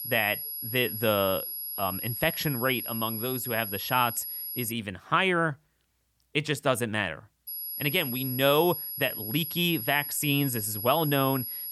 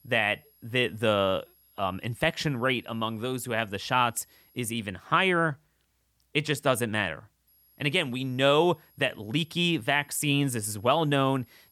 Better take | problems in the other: second | high-pitched whine; loud; until 4.5 s and from 7.5 s on; 11.5 kHz, 5 dB below the speech; faint in the second

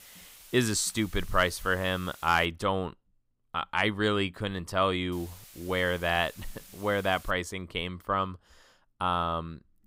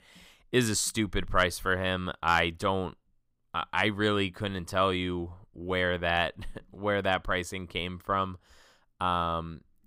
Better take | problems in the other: second | hiss; faint; until 2.5 s and from 5 to 7.5 s; 20 dB below the speech

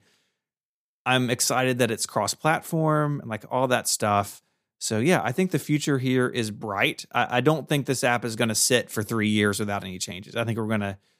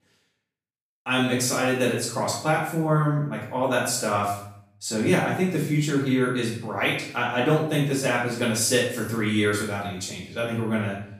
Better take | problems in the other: first | room echo; noticeable; dies away in 0.6 s // off-mic speech; far

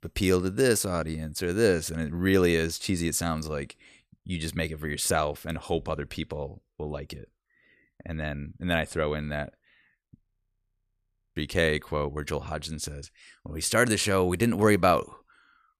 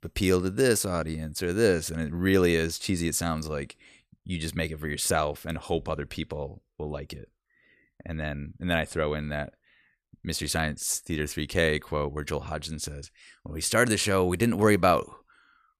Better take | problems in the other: second | audio freezing; at 10 s for 1 s

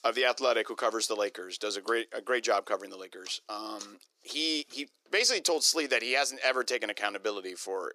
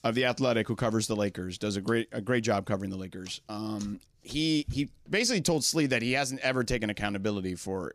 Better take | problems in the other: second | thin; very; fading below 350 Hz

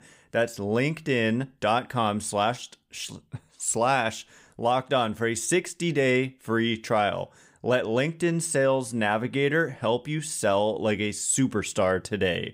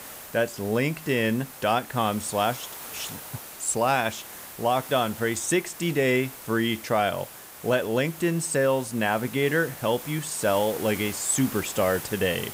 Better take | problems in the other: first | hiss; noticeable; throughout; 15 dB below the speech

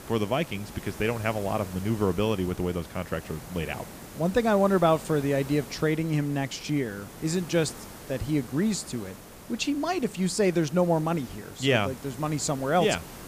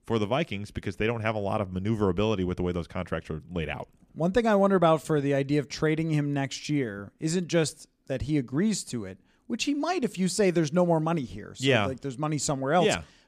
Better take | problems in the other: second | hiss; noticeable; throughout; 15 dB below the speech

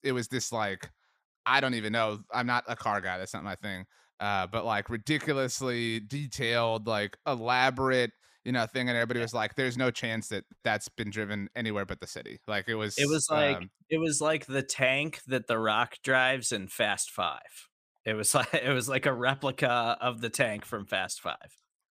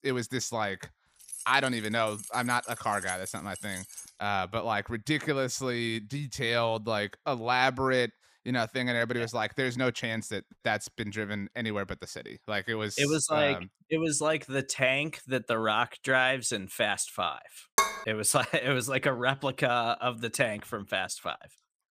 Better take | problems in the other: first | jangling keys; noticeable; from 1 to 4 s; peak 9 dB below the speech // clattering dishes; loud; at 18 s; peak 2 dB above the speech

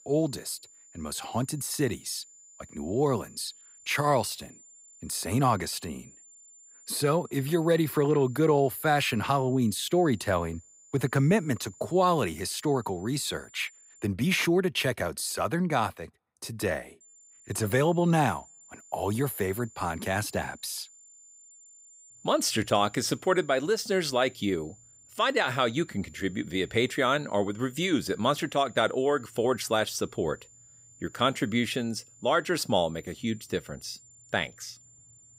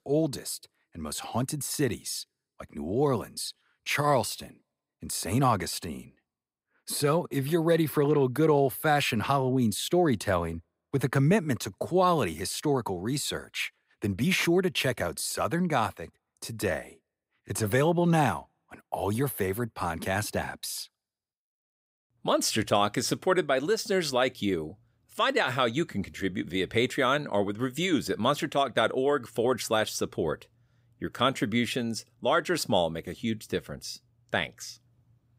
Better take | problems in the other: second | high-pitched whine; faint; until 14 s and from 17 s on; 7 kHz, 25 dB below the speech

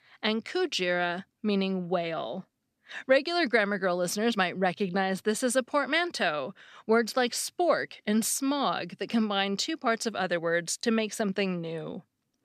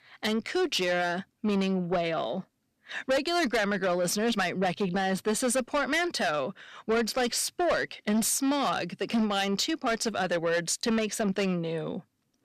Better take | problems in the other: first | distortion; heavy; 8 dB below the speech

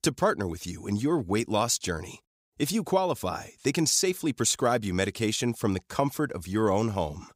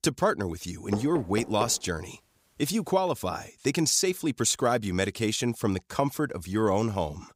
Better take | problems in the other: first | door banging; noticeable; at 1 s; peak 9 dB below the speech

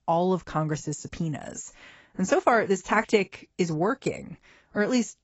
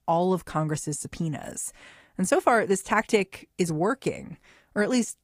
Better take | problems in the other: second | garbled, watery; badly; nothing above 7.5 kHz; slightly in the second

